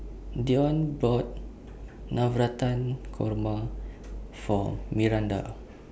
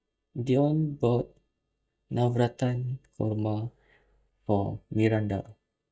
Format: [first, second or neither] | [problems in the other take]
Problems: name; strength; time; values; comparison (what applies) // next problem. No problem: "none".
first | noise reduction (neural mask model DeepFilterNet 3)